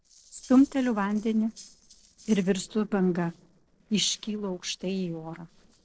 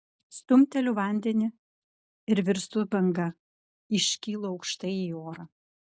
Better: second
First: noise reduction (neural separator model SepFormer DNS4)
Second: none

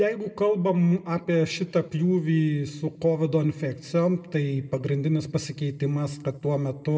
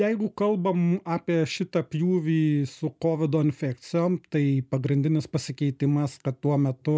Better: second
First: room echo; dies away in 1.1 s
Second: none

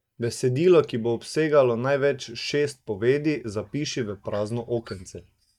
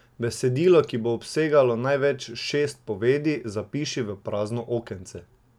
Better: second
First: noise reduction (neural mask model DeepFilterNet 3)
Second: none

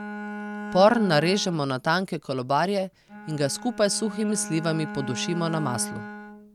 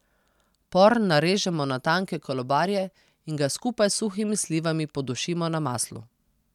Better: second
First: background sound (Bowed string instrument); 11 dB below the speech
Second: none

